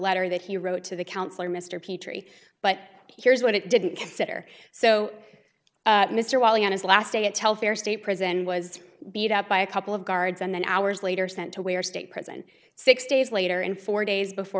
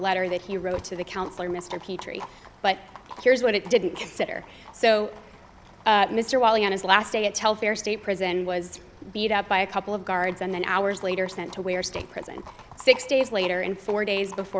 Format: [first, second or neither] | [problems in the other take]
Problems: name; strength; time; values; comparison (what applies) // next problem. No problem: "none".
first | background sound (Livestock, farm animals, working animals); 19 dB below the speech